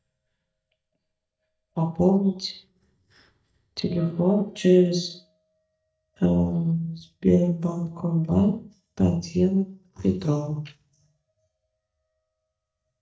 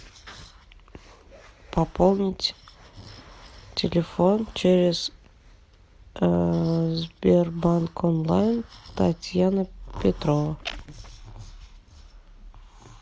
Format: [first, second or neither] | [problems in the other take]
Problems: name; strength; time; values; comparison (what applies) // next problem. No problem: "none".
second | noise reduction (neural mask model DeepFilterNet 3)